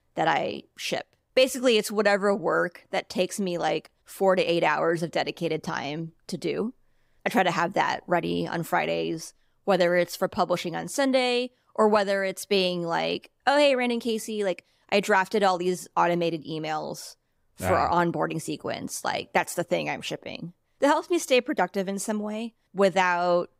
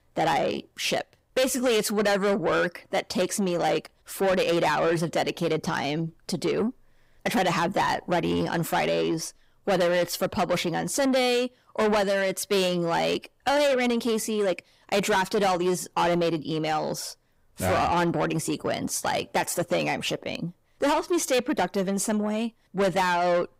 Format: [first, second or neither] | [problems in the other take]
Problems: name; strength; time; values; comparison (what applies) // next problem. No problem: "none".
first | distortion; heavy; 7 dB below the speech